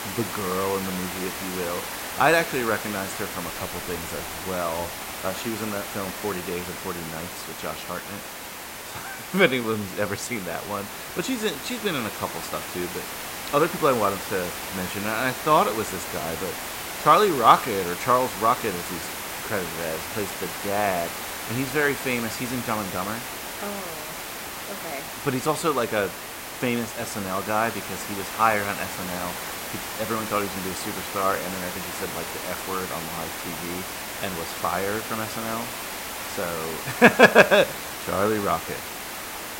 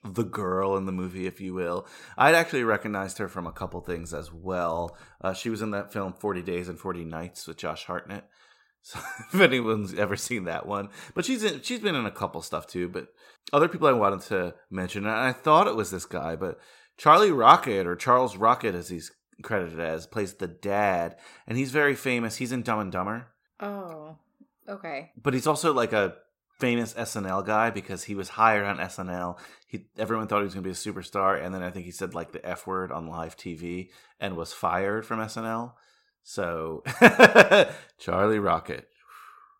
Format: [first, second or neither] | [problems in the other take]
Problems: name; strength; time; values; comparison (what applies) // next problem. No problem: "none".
second | hiss; loud; throughout; 6 dB below the speech